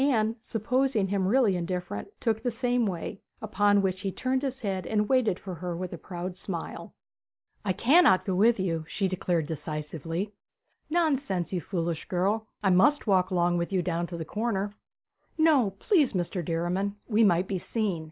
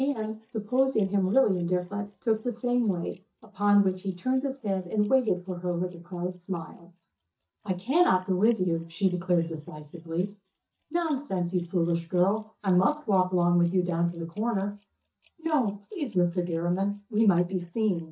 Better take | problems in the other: first | noise reduction (neural mask model DeepFilterNet 3)

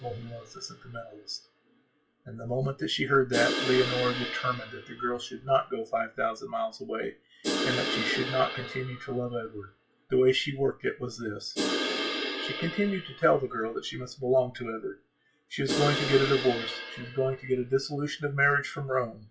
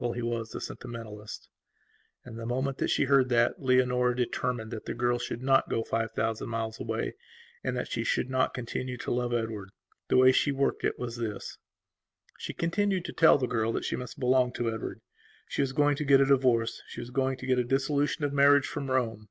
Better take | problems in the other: second | noise reduction (classical method WPE with log-MMSE)

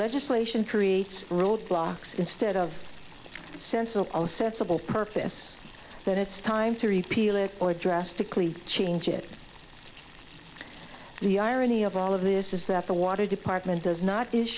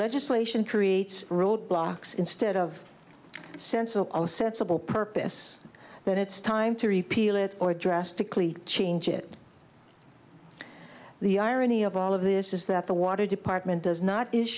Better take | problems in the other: second | background sound (Boiling); 19 dB below the speech

